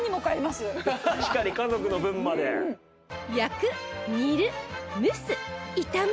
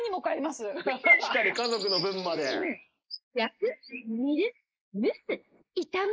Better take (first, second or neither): first